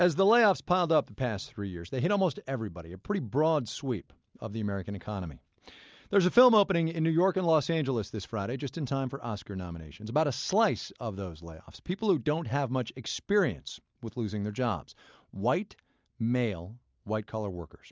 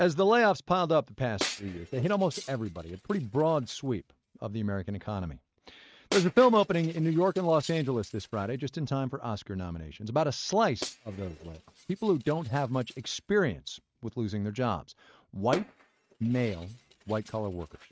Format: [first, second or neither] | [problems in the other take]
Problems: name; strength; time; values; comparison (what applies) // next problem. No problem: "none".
first | noise reduction (neural mask model RNNoise)